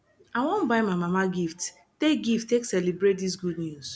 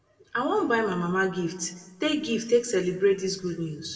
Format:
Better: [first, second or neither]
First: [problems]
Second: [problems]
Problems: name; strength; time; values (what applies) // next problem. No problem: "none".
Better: first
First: none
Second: room echo; dies away in 1 s